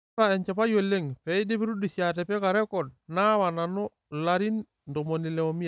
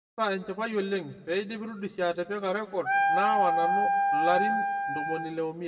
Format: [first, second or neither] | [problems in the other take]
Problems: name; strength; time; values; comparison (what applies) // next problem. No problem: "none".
first | background sound (Wind instrument, woodwind instrument); 4 dB above the speech // room echo; dies away in 1.4 s